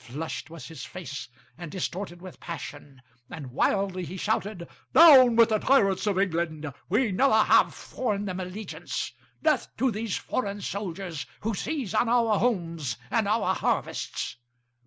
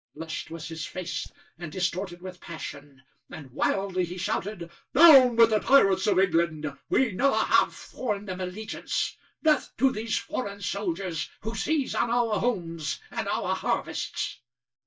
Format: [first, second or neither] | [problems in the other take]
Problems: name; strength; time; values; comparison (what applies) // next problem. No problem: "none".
first | noise reduction (neural mask model DeepFilterNet 3)